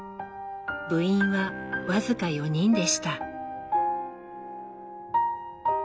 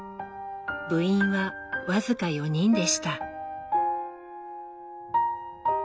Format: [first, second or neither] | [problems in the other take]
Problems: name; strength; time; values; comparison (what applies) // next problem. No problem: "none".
second | background sound (Bowed string instrument); 17 dB below the speech